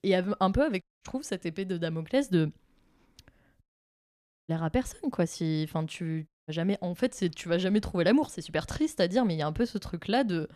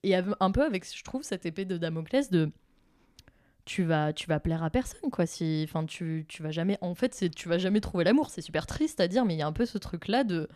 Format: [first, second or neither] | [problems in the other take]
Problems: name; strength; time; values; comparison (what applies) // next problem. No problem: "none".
second | audio cutting out; at 1 s, at 3.5 s for 1 s and at 6.5 s